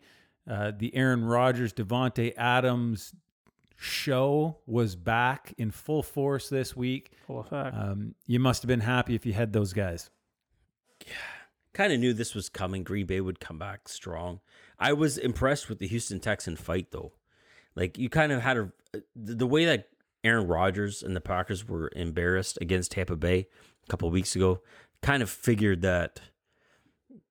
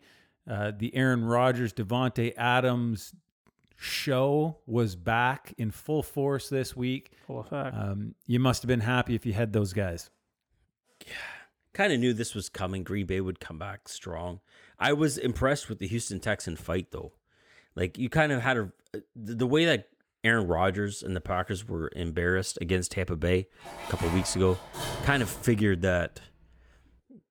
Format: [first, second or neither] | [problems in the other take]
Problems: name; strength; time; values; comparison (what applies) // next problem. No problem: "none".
first | clattering dishes; noticeable; from 24 to 26 s; peak 6 dB below the speech